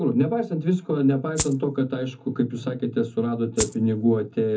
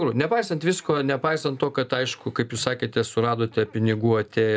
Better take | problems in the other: second | background sound (Rattle (instrument)); 7 dB below the speech // room echo; dies away in 0.3 s

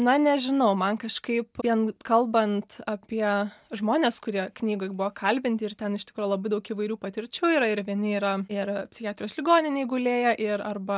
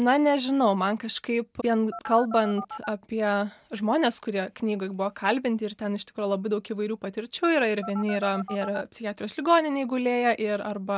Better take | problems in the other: first | background sound (Telephone); 12 dB below the speech

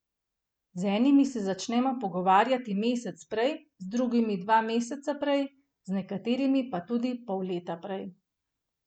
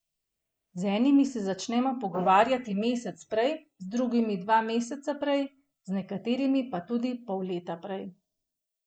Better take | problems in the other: first | noise reduction (neural mask model Resemble Enhance denoiser)

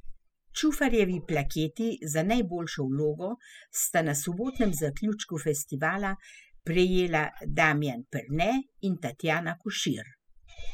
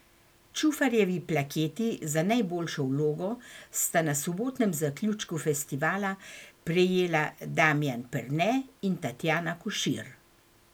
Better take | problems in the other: second | noise reduction (classical method spectral subtraction)

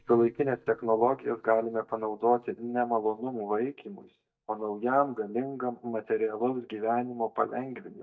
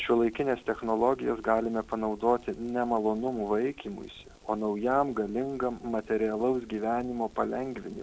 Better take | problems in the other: second | noise reduction (neural mask model DeepFilterNet 3)

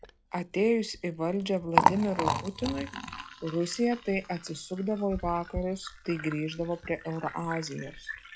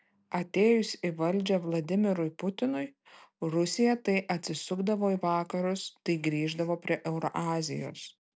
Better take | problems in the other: second | noise reduction (classical method log-MMSE)

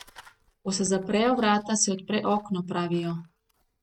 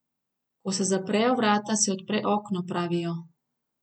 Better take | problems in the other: second | noise reduction (neural mask model RNNoise)

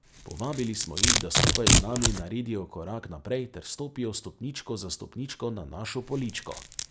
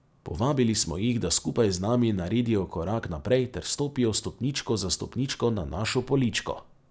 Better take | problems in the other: second | background sound (Domestic sounds, home sounds); 4 dB above the speech

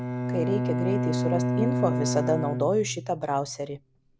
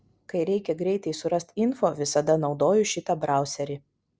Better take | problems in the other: second | background sound (Bowed string instrument); as loud as the speech

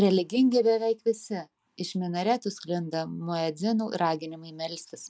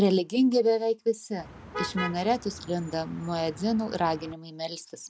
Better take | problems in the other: first | background sound (Motor vehicle (road)); 12 dB below the speech

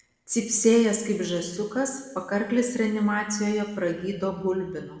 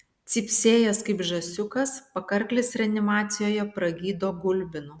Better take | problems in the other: second | room echo; dies away in 1.1 s

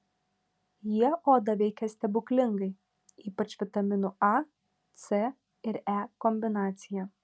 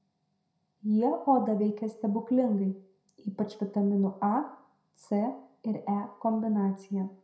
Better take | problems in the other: first | room echo; dies away in 0.5 s

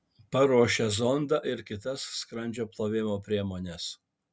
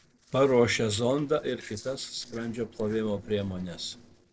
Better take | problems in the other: first | noise reduction (neural separator model SepFormer DNS4)

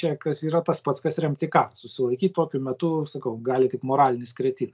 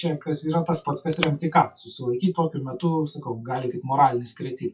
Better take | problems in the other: first | noise reduction (classical method WPE with log-MMSE)

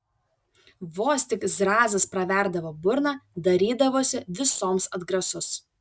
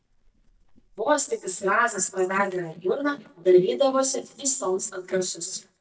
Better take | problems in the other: first | noise reduction (neural mask model DeepFilterNet 3)

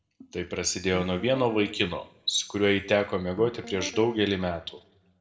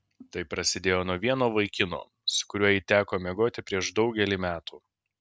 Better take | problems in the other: second | background sound (Guitar); 14 dB below the speech // room echo; dies away in 0.5 s

